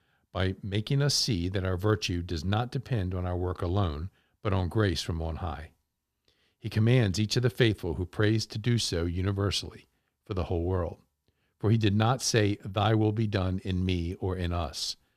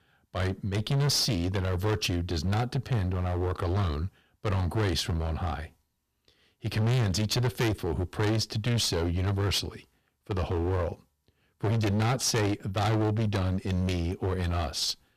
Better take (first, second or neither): first